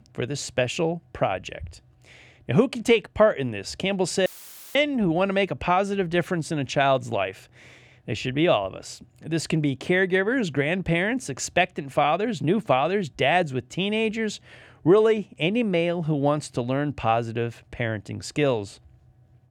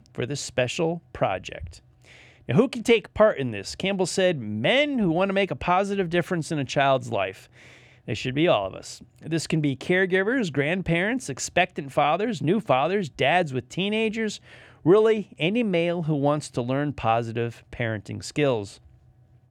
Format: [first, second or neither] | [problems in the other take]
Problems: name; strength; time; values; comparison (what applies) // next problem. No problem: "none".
second | audio cutting out; filled with static; at 4.5 s